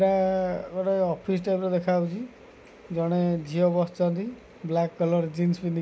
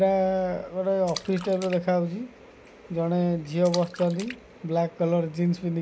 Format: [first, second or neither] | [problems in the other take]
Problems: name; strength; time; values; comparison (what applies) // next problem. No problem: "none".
first | background sound (Splash, splatter); 18 dB below the speech